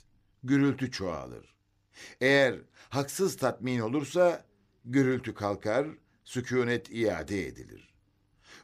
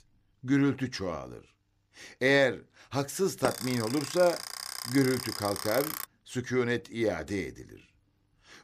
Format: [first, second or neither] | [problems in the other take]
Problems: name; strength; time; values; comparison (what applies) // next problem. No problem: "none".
first | alarm; noticeable; from 3.5 to 6 s; peak 5 dB below the speech